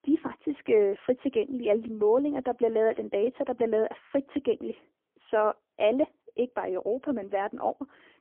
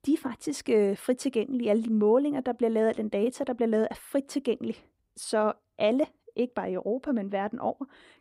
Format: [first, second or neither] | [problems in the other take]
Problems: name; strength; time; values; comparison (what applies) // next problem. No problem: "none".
second | phone-call audio; poor line; nothing above 3.5 kHz